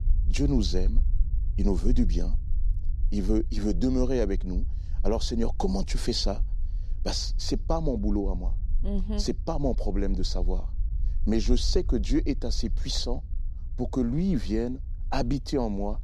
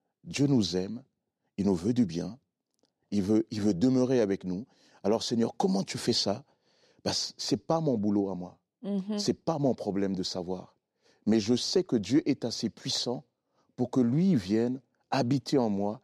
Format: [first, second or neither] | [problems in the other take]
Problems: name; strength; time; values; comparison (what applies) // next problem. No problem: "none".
second | low rumble; faint; throughout; 20 dB below the speech